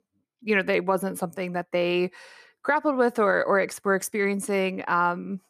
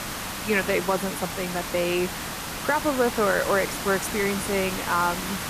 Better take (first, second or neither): first